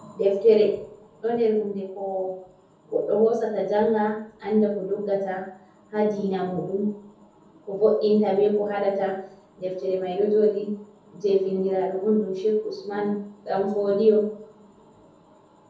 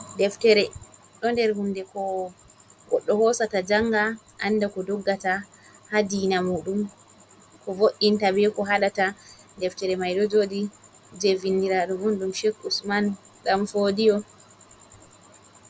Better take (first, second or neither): second